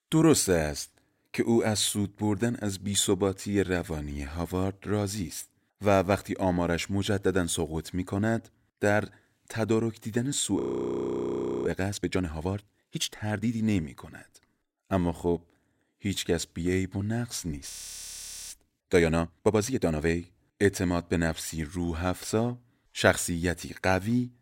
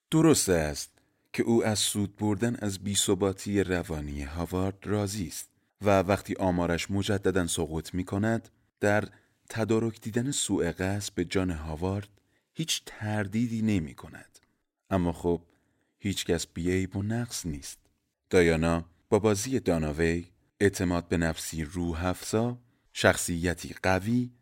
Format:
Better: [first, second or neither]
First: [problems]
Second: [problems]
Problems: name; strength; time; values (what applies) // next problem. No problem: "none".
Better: second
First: audio freezing; at 11 s for 1 s and at 18 s for 1 s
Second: none